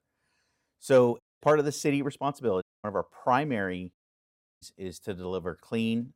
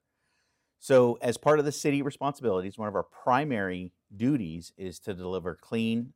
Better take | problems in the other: second | audio cutting out; at 1 s, at 2.5 s and at 4 s for 0.5 s

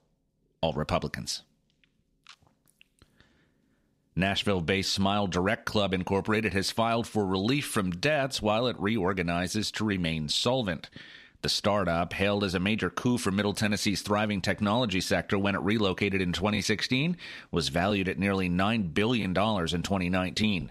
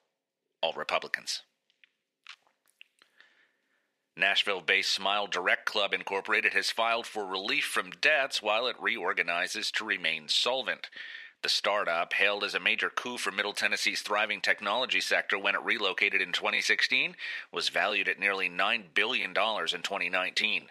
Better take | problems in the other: first | thin; very; fading below 550 Hz

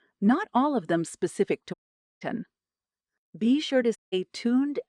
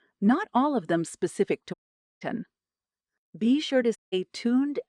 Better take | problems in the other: neither | audio cutting out; at 1.5 s and at 4 s; the same in both

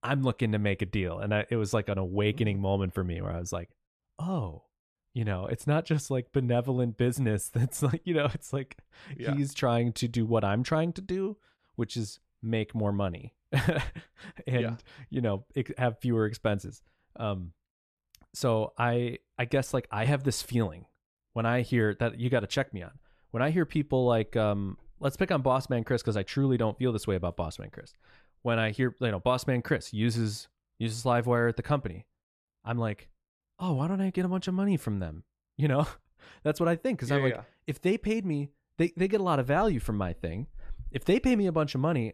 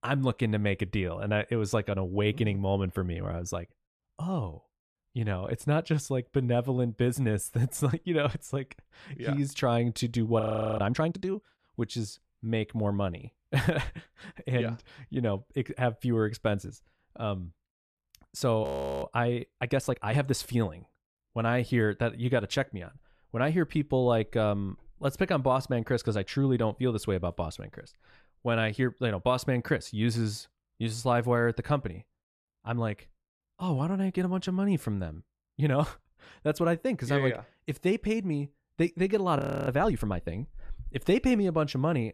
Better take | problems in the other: first | audio freezing; at 10 s, at 19 s and at 39 s

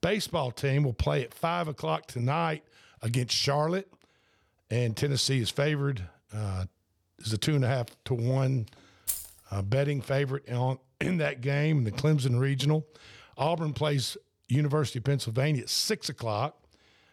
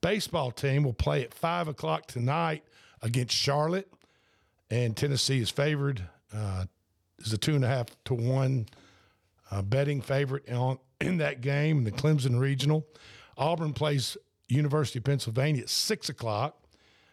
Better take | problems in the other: second | jangling keys; noticeable; at 9 s; peak 3 dB below the speech

